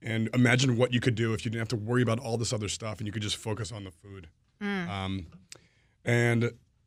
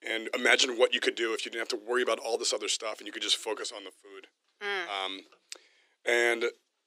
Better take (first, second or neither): first